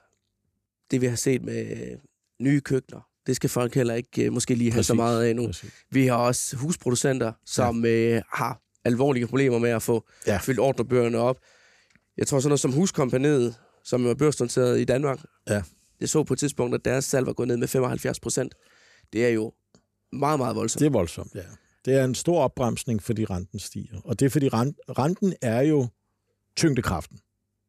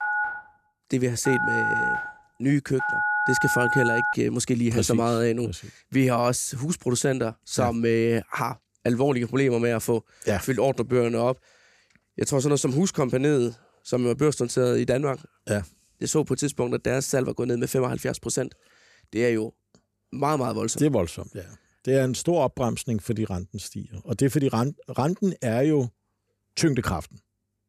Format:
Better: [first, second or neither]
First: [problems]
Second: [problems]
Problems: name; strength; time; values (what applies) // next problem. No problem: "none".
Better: first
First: none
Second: phone ringing; loud; until 4 s; peak 2 dB above the speech